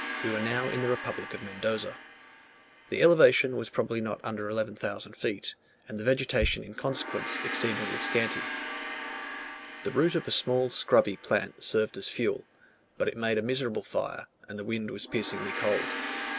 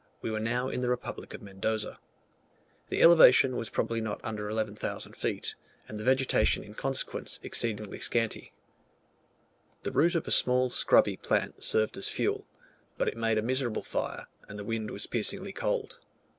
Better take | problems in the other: second | background sound (Gong); 10 dB below the speech

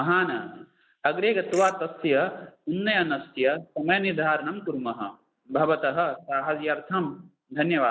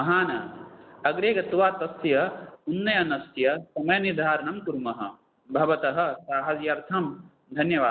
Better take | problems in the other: second | noise reduction (neural mask model Resemble Enhance denoiser)

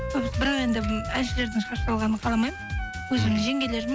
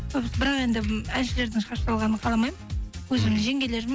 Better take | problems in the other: second | background sound (Wind instrument, woodwind instrument); 11 dB below the speech

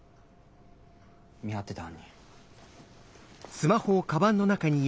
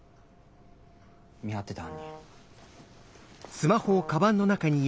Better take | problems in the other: first | background sound (Brass instrument); 15 dB below the speech

